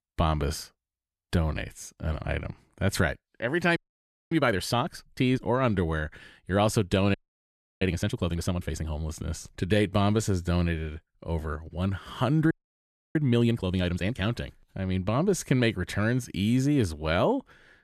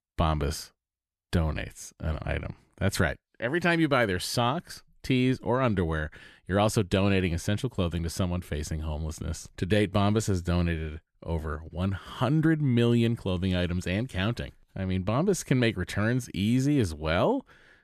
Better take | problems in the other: second | audio freezing; at 4 s for 0.5 s, at 7 s for 0.5 s and at 13 s for 0.5 s

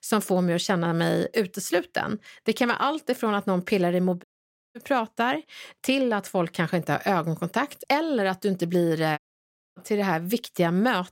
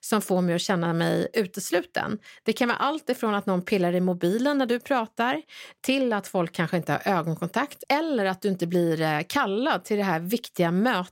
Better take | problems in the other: second | audio cutting out; at 4 s for 0.5 s and at 9 s for 0.5 s

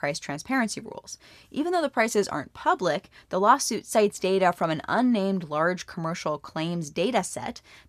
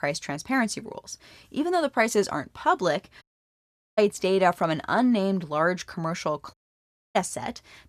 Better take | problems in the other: first | audio cutting out; at 3 s for 1 s and at 6.5 s for 0.5 s

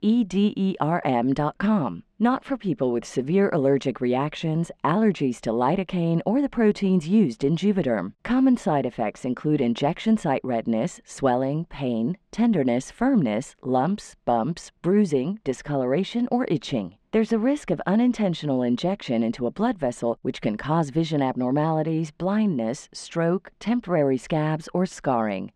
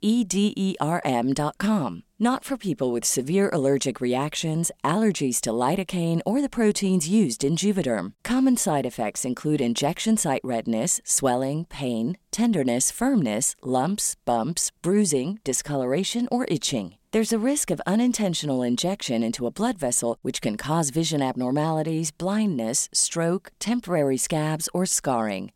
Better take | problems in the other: second | muffled; very; fading above 2.5 kHz

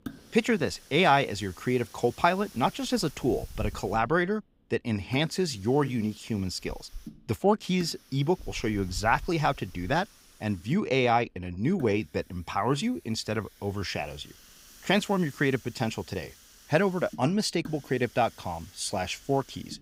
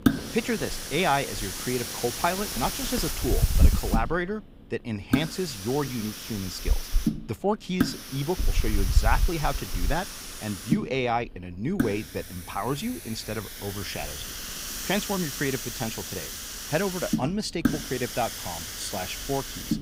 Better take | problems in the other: first | hiss; loud; throughout; 1 dB below the speech; faint in the first

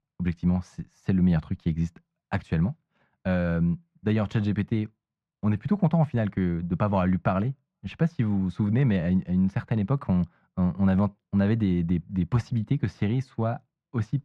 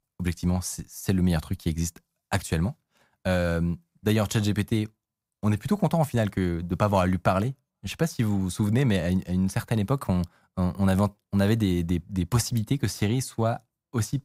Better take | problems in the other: second | muffled; very; fading above 2.5 kHz

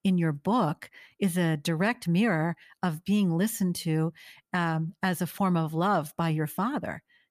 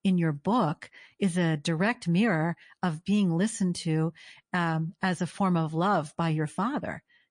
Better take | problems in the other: first | garbled, watery; slightly

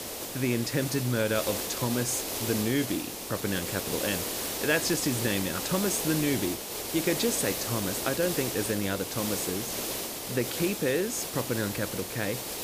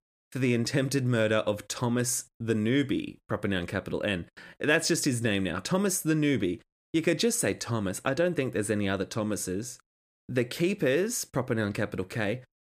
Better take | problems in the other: second | hiss; loud; throughout; 2 dB below the speech

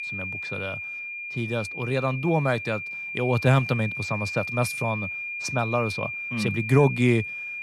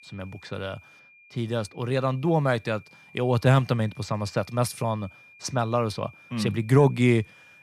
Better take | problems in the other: second | high-pitched whine; loud; throughout; 2.5 kHz, 5 dB below the speech; faint in the second

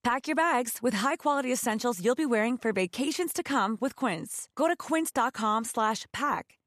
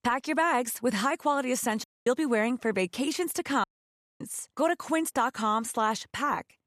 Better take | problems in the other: first | audio cutting out; at 2 s and at 3.5 s for 0.5 s

